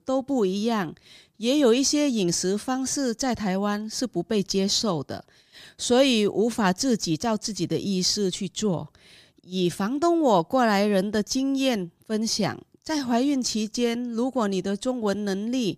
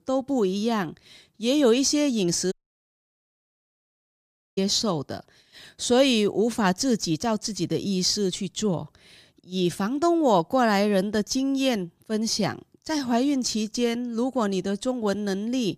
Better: first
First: none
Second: audio cutting out; at 2.5 s for 2 s

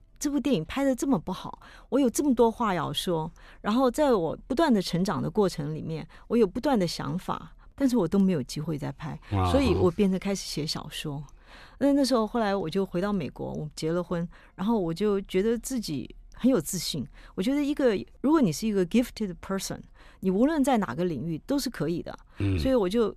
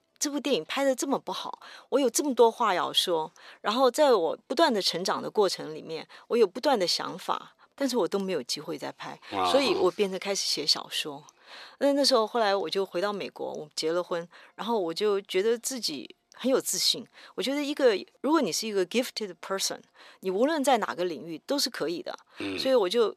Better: first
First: none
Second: thin; somewhat; fading below 450 Hz

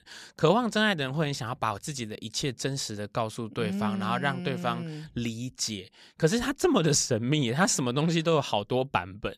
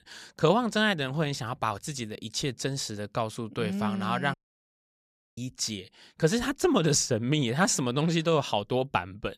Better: first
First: none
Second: audio cutting out; at 4.5 s for 1 s

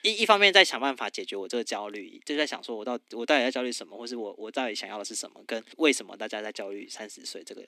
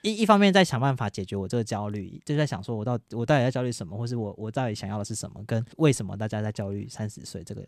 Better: second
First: thin; somewhat; fading below 250 Hz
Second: none

